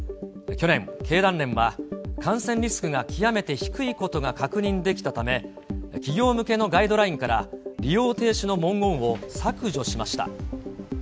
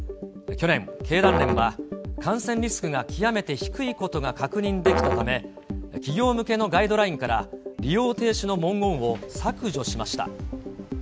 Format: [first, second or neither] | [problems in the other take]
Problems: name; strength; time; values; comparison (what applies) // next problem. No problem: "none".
first | background sound (Musical instrument); 4 dB below the speech